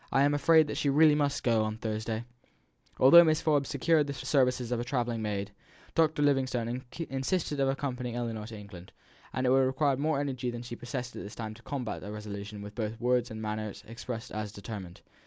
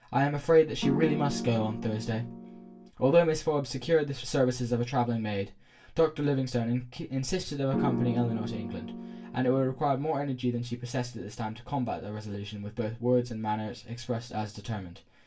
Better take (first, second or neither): first